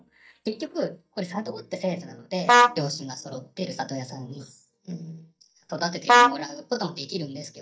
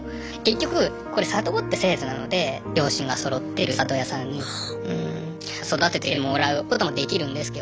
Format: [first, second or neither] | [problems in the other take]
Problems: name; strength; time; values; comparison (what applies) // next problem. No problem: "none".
second | noise reduction (neural mask model DeepFilterNet 3)